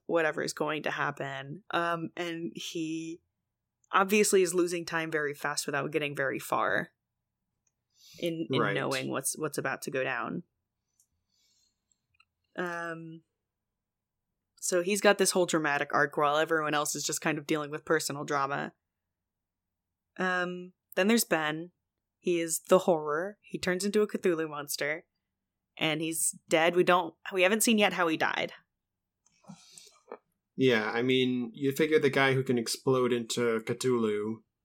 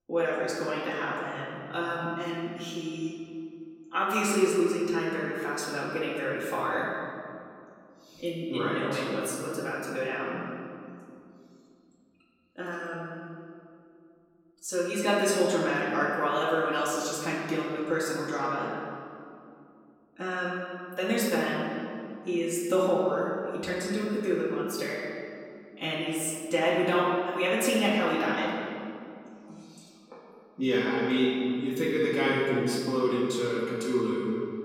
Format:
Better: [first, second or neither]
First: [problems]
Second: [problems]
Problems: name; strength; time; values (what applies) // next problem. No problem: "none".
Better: first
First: none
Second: room echo; noticeable; dies away in 2.2 s // off-mic speech; far